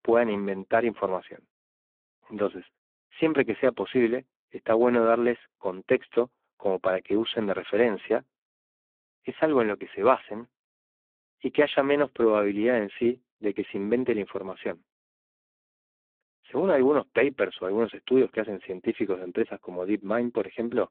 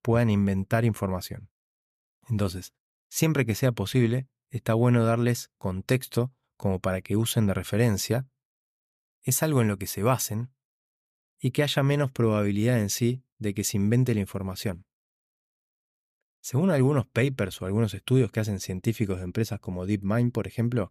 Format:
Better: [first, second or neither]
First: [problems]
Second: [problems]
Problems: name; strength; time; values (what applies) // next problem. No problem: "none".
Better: second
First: phone-call audio; poor line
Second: none